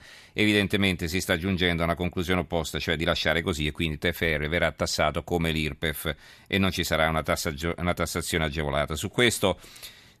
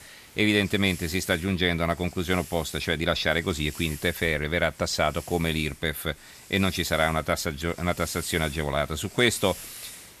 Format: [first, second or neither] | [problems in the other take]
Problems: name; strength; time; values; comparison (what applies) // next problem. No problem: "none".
first | hiss; noticeable; throughout; 15 dB below the speech